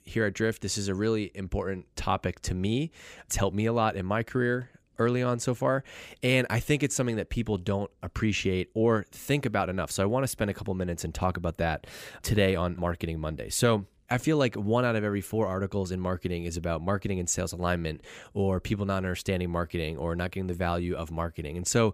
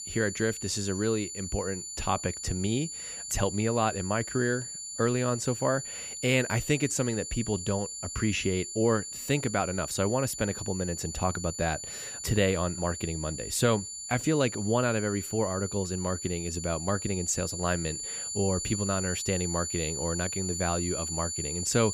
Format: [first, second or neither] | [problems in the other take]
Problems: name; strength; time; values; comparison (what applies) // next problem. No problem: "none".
first | high-pitched whine; loud; throughout; 7 kHz, 5 dB below the speech